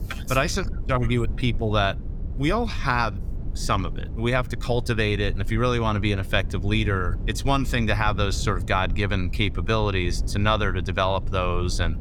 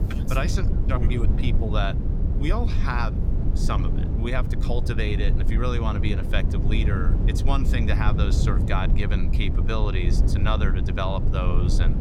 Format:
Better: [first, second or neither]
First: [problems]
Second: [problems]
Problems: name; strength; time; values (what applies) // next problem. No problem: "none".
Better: first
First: low rumble; faint; throughout; 20 dB below the speech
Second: low rumble; loud; throughout; 6 dB below the speech